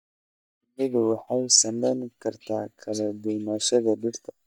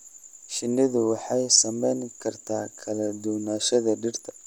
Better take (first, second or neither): second